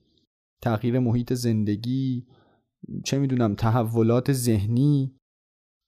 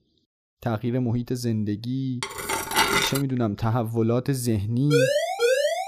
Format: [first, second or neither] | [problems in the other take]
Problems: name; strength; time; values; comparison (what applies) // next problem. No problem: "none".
first | clattering dishes; loud; at 2 s; peak 6 dB above the speech // siren; loud; at 5 s; peak 4 dB above the speech